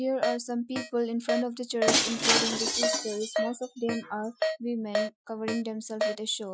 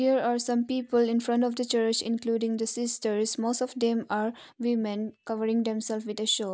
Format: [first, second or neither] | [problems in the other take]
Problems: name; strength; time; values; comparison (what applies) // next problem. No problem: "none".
second | noise reduction (classical method Wiener filter)